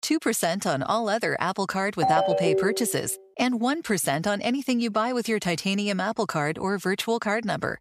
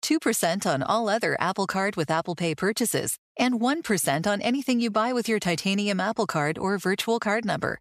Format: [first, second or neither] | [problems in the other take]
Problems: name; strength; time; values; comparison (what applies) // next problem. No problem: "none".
second | phone ringing; loud; at 2 s; peak 3 dB above the speech